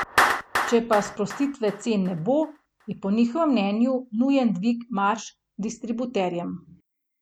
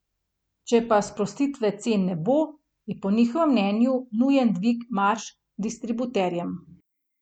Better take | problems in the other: second | background sound (Clapping); 7 dB below the speech

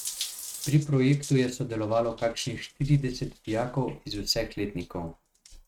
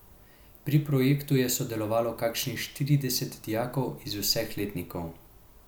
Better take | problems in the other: second | noise reduction (neural mask model RNNoise)

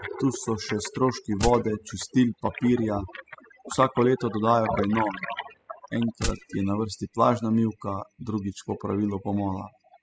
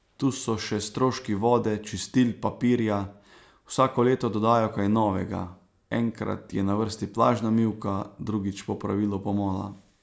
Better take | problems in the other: second | noise reduction (classical method spectral subtraction)

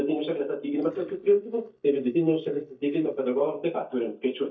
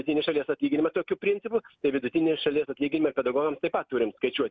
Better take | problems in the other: second | noise reduction (neural mask model DeepFilterNet 3)

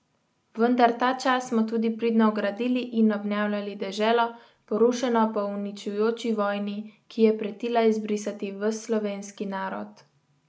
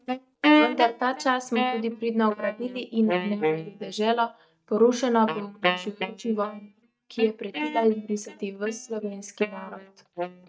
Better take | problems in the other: first | noise reduction (neural mask model DeepFilterNet 3)

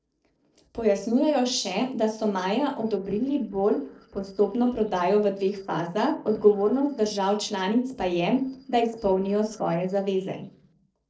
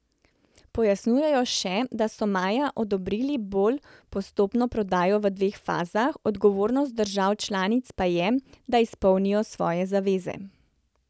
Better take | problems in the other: second | noise reduction (neural separator model SepFormer DNS4)

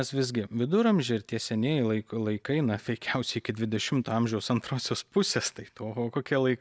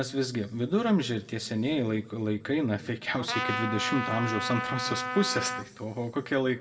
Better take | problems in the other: first | background sound (Trumpet); 4 dB below the speech // room echo; dies away in 1.9 s

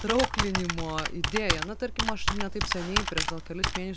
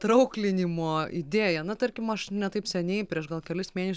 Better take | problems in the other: second | background sound (Computer keyboard); 2 dB above the speech

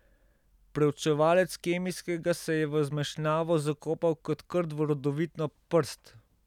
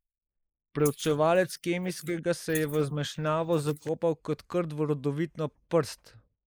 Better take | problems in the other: first | noise reduction (neural mask model Resemble Enhance denoiser)

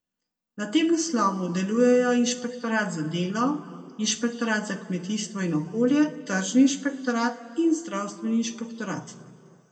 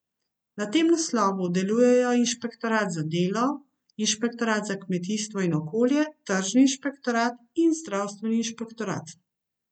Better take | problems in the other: second | room echo; dies away in 1.8 s

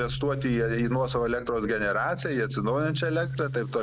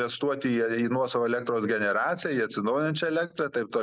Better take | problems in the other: second | background sound (Boom); 7 dB below the speech

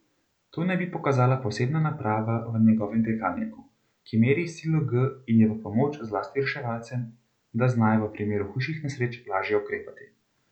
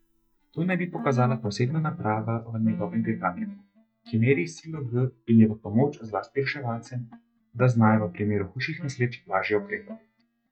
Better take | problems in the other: first | noise reduction (neural mask model DeepFilterNet 3)

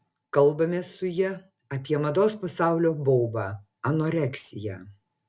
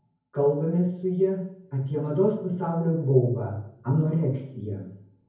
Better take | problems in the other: first | room echo; dies away in 0.9 s

